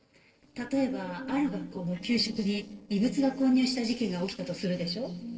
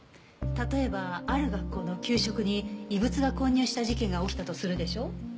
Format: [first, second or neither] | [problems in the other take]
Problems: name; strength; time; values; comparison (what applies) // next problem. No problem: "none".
second | noise reduction (neural separator model SepFormer DNS4)